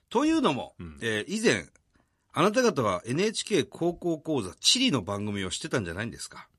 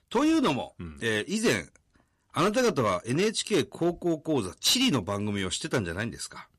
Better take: first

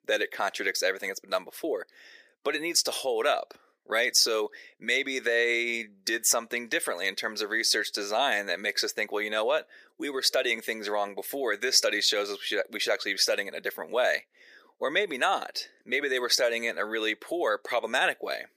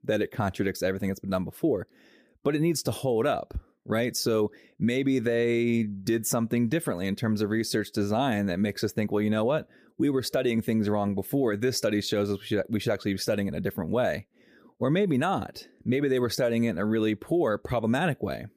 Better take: second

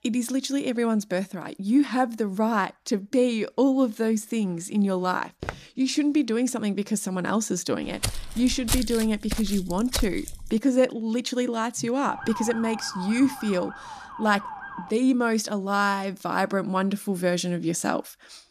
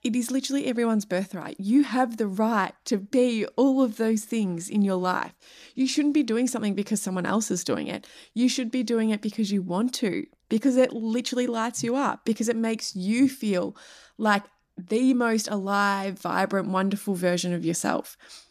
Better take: second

